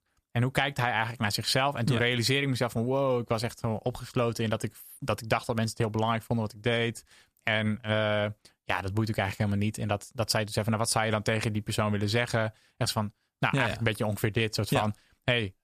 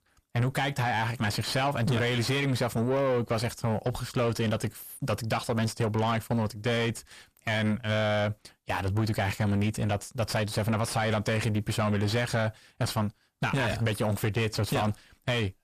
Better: first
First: none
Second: distortion; heavy; 8 dB below the speech

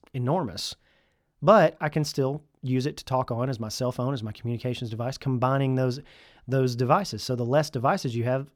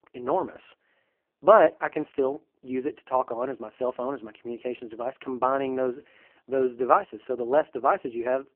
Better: first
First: none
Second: phone-call audio; poor line

